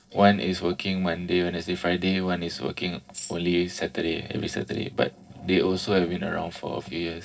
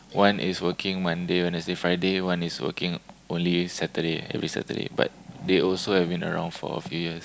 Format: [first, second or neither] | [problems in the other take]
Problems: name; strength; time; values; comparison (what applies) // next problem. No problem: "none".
second | noise reduction (neural separator model SepFormer DNS4)